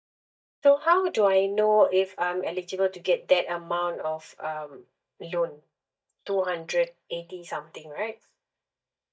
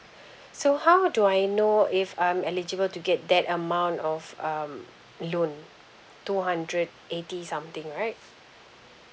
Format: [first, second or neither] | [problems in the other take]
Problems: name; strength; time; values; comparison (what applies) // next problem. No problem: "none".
second | noise reduction (neural mask model DeepFilterNet 3)